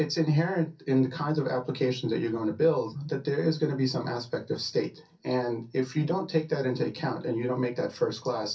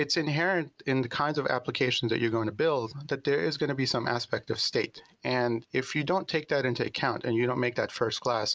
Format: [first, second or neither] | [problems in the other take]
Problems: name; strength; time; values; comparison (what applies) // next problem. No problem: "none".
second | room echo; dies away in 0.3 s